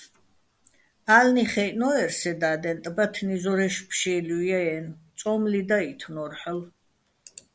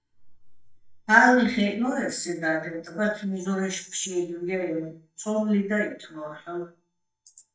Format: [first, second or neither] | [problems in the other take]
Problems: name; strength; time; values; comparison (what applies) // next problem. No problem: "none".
first | noise reduction (neural mask model DeepFilterNet 3)